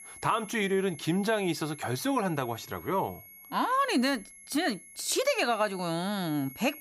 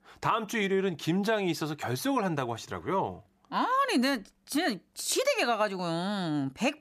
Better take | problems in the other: second | high-pitched whine; noticeable; throughout; 11 kHz, 15 dB below the speech

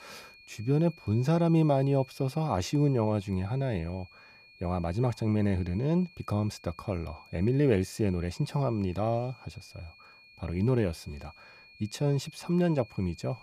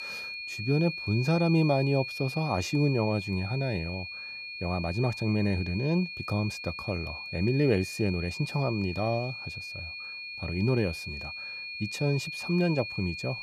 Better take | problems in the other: first | high-pitched whine; loud; throughout; 2.5 kHz, 7 dB below the speech; faint in the first

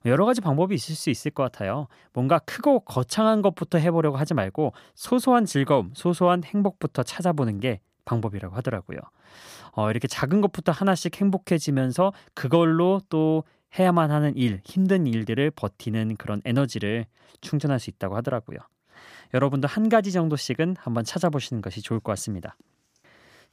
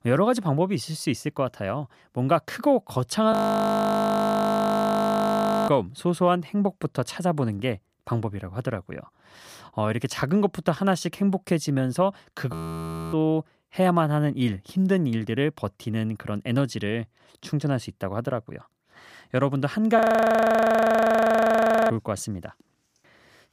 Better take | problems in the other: first | audio freezing; at 3.5 s for 2.5 s, at 13 s for 0.5 s and at 20 s for 2 s

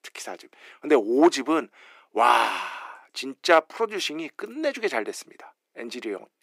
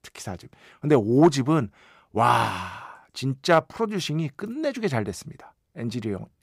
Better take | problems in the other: second | thin; somewhat; fading below 300 Hz

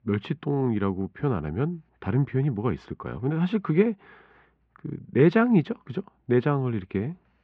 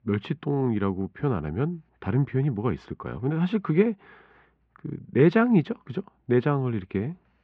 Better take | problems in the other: neither | muffled; very; fading above 2.5 kHz; the same in both

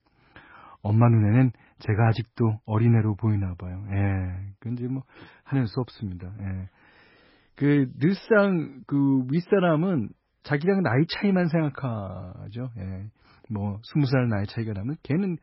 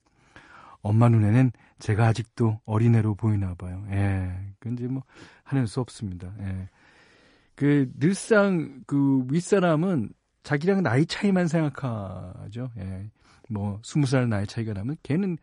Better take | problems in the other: second | garbled, watery; badly; nothing above 5.5 kHz; slightly in the second

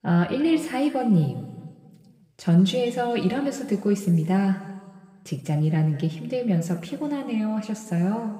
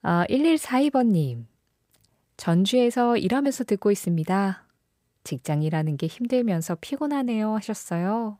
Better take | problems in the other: second | room echo; noticeable; dies away in 1.6 s // off-mic speech; somewhat distant

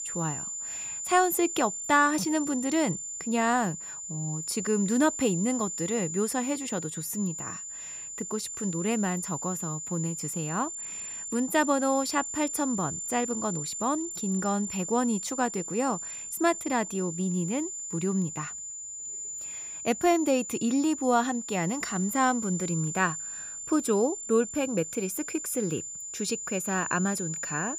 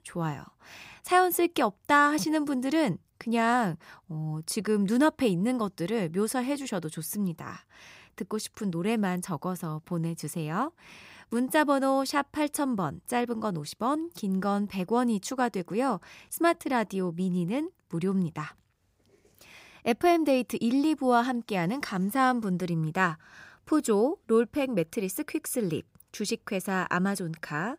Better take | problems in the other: second | high-pitched whine; loud; throughout; 7 kHz, 6 dB below the speech

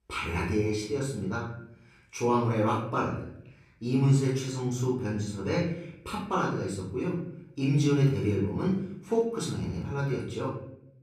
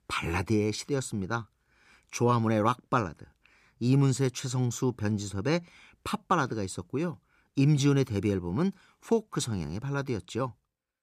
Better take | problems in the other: second | off-mic speech; far // room echo; noticeable; dies away in 0.7 s

